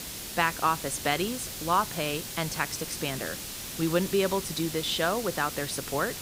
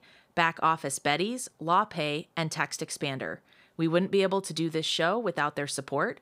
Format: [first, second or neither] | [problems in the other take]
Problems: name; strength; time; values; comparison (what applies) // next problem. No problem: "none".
second | hiss; loud; throughout; 6 dB below the speech